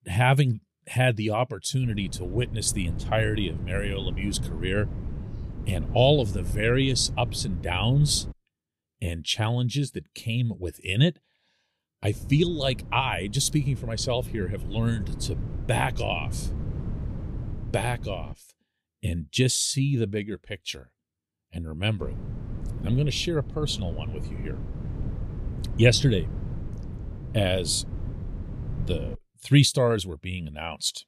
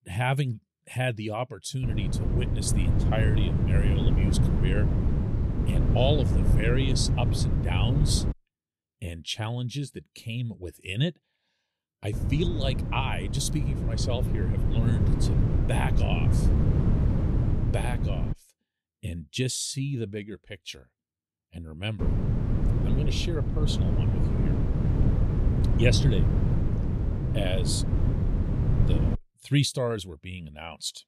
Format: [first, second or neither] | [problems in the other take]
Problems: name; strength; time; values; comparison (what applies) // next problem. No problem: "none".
first | wind noise on the microphone; heavy; from 2 to 8.5 s, from 12 to 18 s and from 22 to 29 s; 4 dB below the speech; occasional gusts in the first